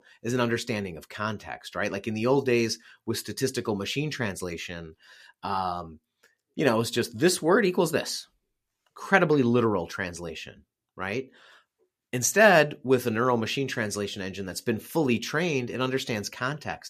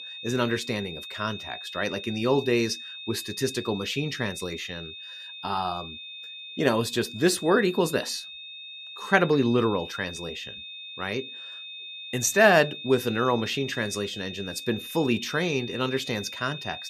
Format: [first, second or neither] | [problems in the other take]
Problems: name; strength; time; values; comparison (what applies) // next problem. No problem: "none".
first | high-pitched whine; noticeable; throughout; 3.5 kHz, 10 dB below the speech